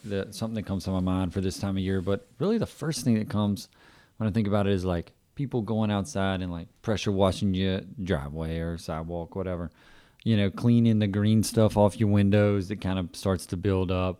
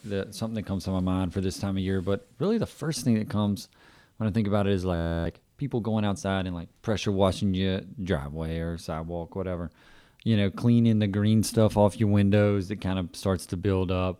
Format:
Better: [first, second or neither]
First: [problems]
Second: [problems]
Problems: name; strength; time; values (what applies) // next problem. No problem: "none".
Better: first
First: none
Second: audio freezing; at 5 s